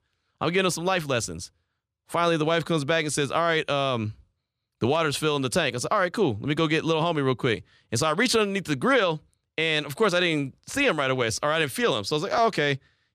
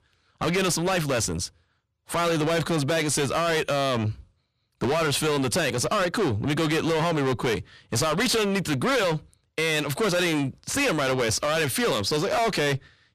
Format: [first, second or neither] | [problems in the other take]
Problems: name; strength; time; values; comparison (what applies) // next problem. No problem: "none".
first | distortion; heavy; 6 dB below the speech